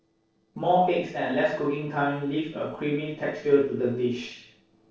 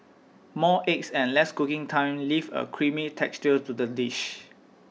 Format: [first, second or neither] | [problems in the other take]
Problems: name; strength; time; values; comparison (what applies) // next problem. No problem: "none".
second | noise reduction (neural separator model SepFormer DNS4)